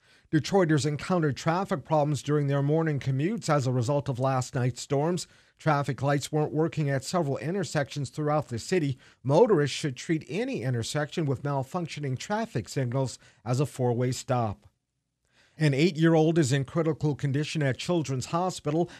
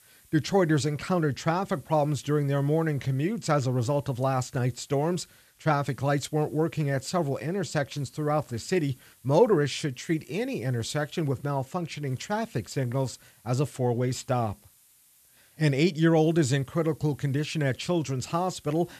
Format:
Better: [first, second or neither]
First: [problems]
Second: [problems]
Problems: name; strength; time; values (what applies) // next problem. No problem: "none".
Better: first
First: none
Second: hiss; faint; throughout; 30 dB below the speech